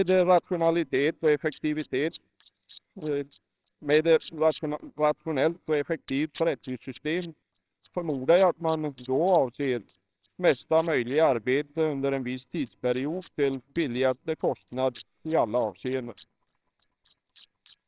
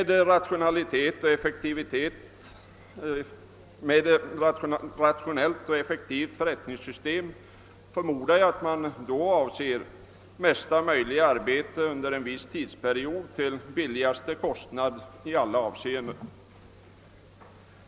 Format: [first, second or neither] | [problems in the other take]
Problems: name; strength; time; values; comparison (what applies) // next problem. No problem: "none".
second | noise reduction (neural separator model SepFormer WHAMR!)